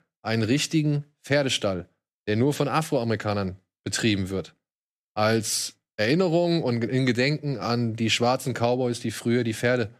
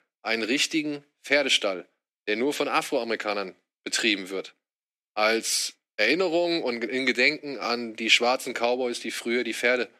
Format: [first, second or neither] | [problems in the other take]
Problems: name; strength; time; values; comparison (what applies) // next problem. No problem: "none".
first | thin; somewhat; fading below 250 Hz